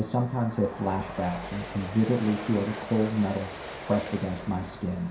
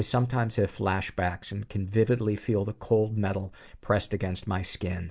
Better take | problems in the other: second | background sound (Train); 11 dB below the speech // room echo; dies away in 0.5 s

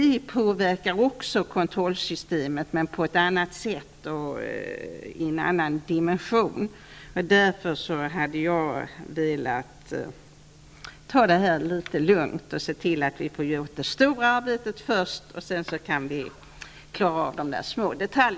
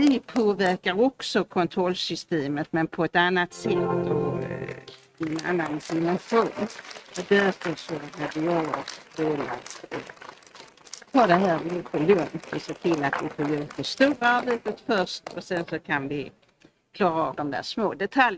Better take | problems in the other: first | noise reduction (neural mask model RNNoise)

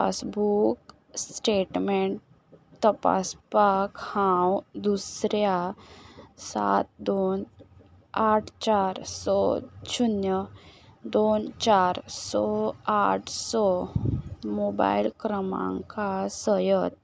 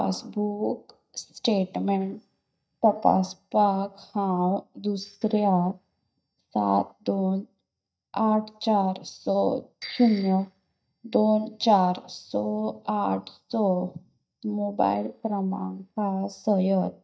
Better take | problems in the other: first | noise reduction (neural mask model DeepFilterNet 3)

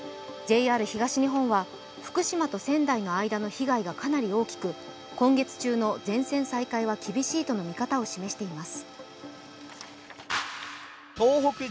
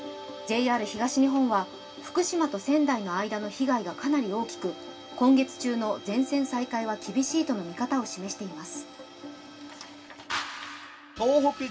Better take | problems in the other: first | room echo; dies away in 0.2 s

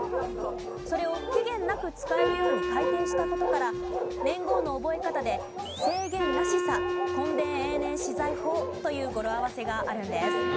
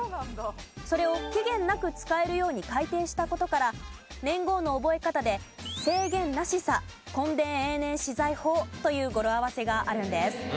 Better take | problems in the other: second | background sound (Wind instrument, woodwind instrument + Bark); 2 dB above the speech

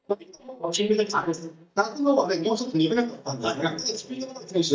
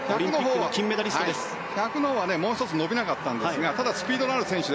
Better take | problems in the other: second | noise reduction (neural mask model DeepFilterNet 3)

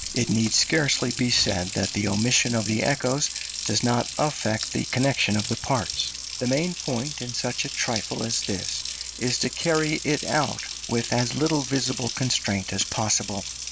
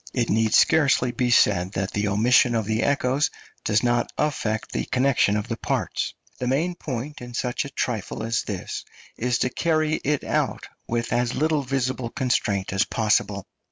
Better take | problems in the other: second | background sound (Water tap, faucet); 7 dB below the speech

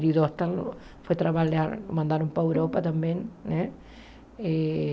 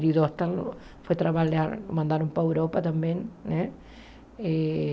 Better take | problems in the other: second | background sound (Bowed string instrument); 15 dB below the speech

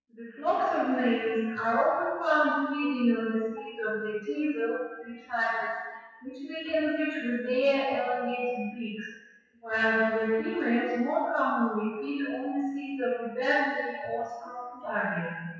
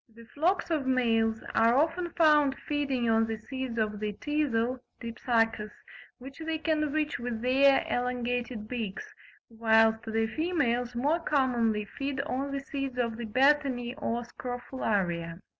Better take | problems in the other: second | noise reduction (classical method WPE with log-MMSE)

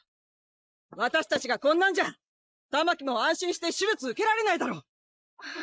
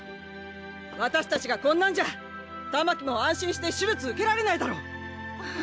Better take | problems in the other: second | noise reduction (neural mask model Resemble Enhance denoiser)

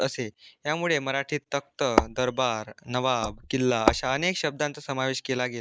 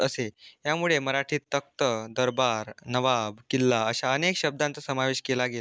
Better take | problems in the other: second | noise reduction (neural mask model Resemble Enhance denoiser)

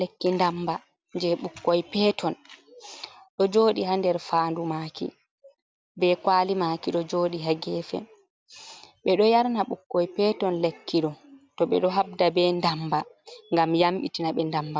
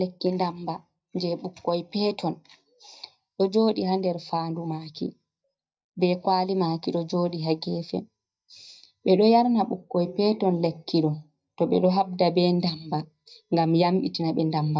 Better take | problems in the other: first | noise reduction (neural mask model DeepFilterNet 3)

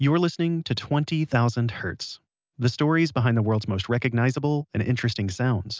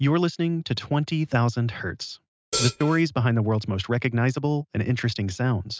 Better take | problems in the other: first | noise reduction (neural mask model RNNoise)

